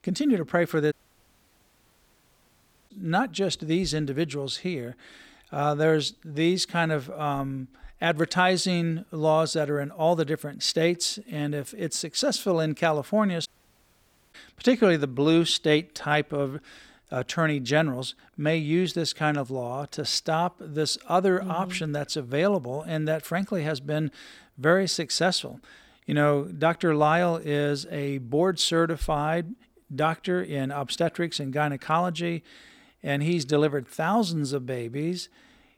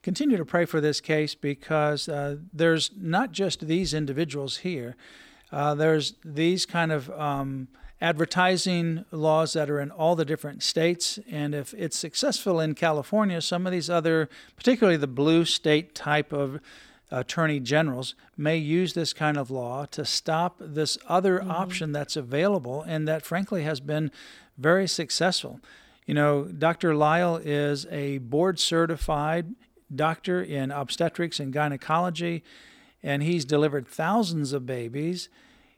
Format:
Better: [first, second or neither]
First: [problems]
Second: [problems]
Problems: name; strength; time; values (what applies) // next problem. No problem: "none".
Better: second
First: audio cutting out; at 1 s for 2 s and at 13 s for 1 s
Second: none